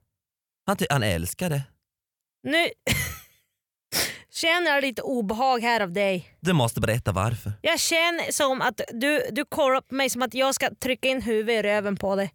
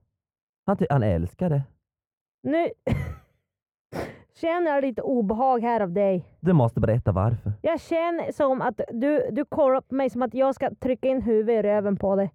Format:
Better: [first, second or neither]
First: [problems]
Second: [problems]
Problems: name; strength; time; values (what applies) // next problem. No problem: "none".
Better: first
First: none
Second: muffled; very; fading above 2 kHz